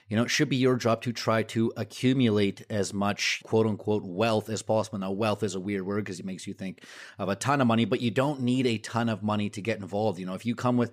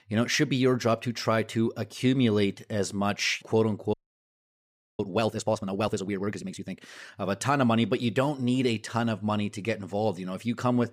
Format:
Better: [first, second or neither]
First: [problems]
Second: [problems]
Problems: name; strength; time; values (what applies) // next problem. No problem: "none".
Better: first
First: none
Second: audio freezing; at 4 s for 1 s